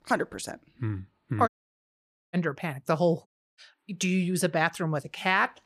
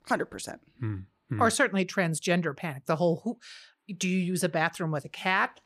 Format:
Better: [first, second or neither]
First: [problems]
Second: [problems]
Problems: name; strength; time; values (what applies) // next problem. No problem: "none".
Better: second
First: audio cutting out; at 1.5 s for 1 s and at 3.5 s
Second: none